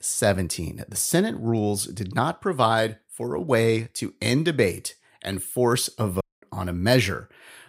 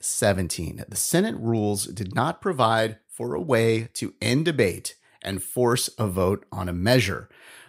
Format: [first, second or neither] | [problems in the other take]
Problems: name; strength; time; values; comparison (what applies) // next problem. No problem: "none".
second | audio cutting out; at 6 s